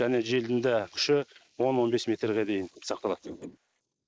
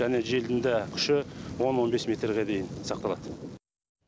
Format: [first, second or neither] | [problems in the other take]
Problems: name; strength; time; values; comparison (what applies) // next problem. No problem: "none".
second | noise reduction (neural mask model Resemble Enhance denoiser)